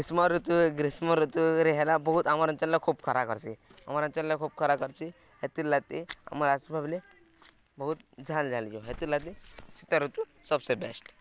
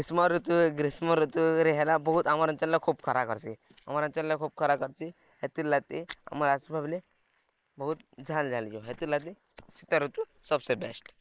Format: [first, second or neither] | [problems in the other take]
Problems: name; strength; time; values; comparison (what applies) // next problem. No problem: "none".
first | noise reduction (neural mask model Resemble Enhance denoiser)